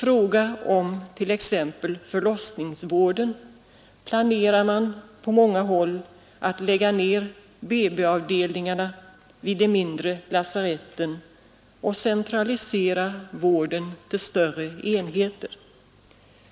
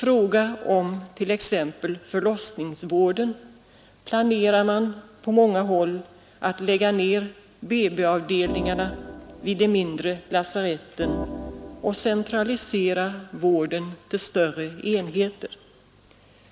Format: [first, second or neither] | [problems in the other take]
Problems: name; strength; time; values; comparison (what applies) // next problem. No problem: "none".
first | background sound (Organ); 10 dB below the speech